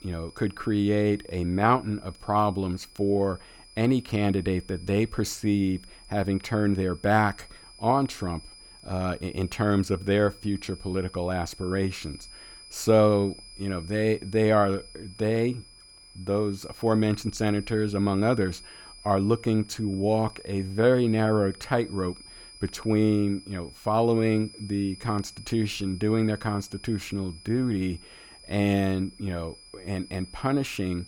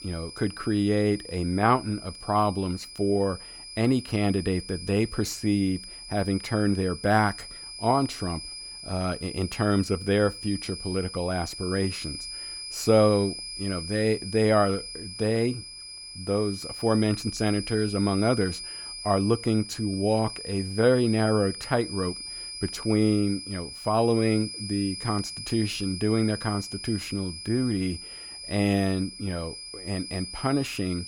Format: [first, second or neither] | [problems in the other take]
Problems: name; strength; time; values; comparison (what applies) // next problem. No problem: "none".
first | high-pitched whine; loud; throughout; 5 kHz, 10 dB below the speech; faint in the first